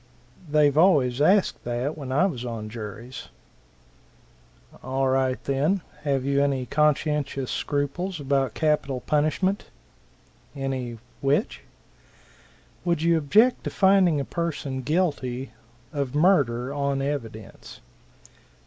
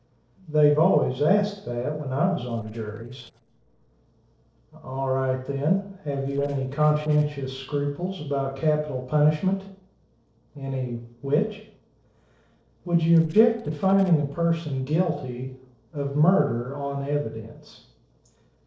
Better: first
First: none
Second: noise reduction (neural separator model SepFormer DNS4)

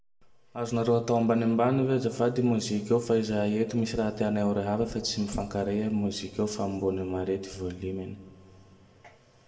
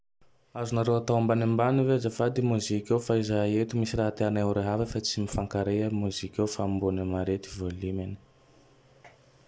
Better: second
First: room echo; dies away in 1.3 s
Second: none

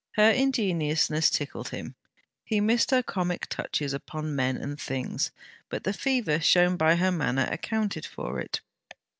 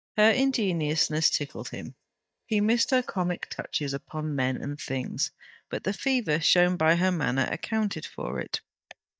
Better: first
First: none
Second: noise reduction (neural mask model DeepFilterNet 3)

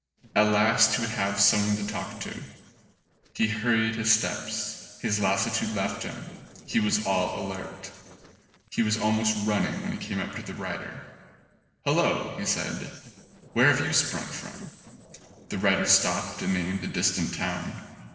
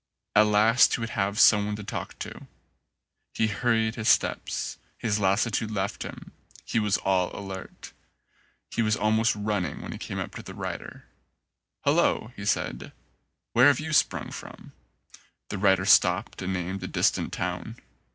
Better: second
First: noise reduction (neural separator model SepFormer DNS4)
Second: none

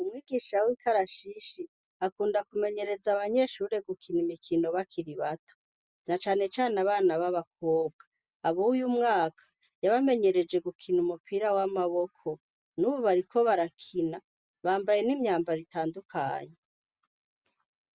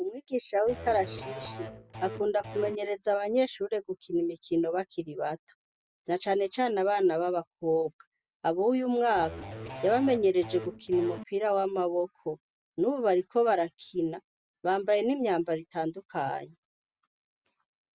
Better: first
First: none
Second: background sound (Electric guitar / Bass guitar); 11 dB below the speech

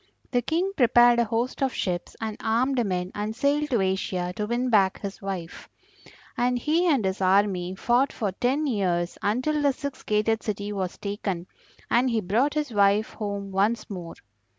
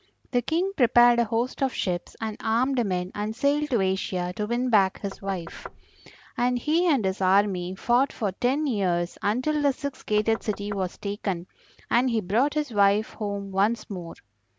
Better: first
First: none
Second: background sound (Knock); 18 dB below the speech

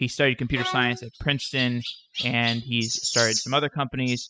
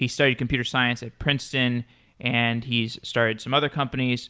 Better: second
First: noise reduction (classical method spectral subtraction)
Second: none

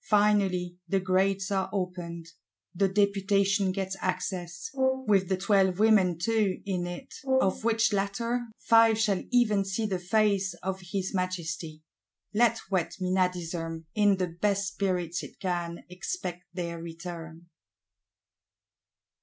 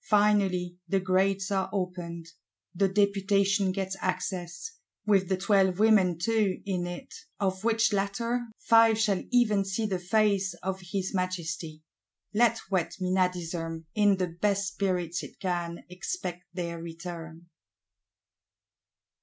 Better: second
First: background sound (Brass instrument); 6 dB below the speech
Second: none

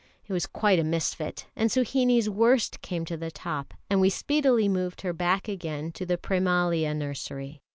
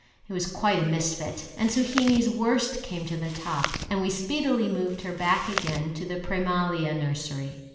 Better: first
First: none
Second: background sound (Chewing, mastication); 9 dB below the speech // room echo; dies away in 1.1 s

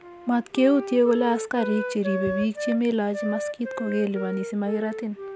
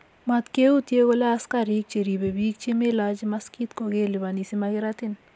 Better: second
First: background sound (Wind instrument, woodwind instrument); 8 dB below the speech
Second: none

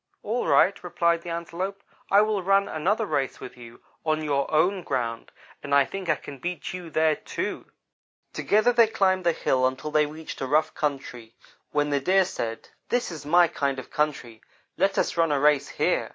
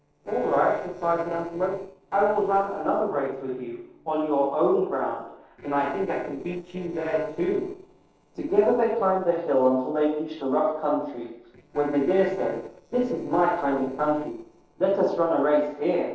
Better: first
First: none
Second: noise reduction (neural separator model SepFormer DNS4)

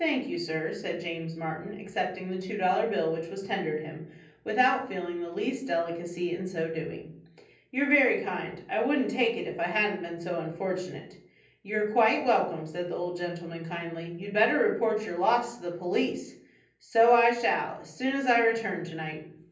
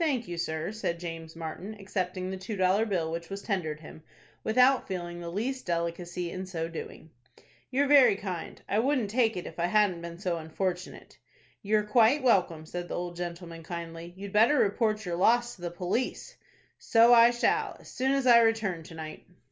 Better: second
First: room echo; dies away in 0.6 s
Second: none

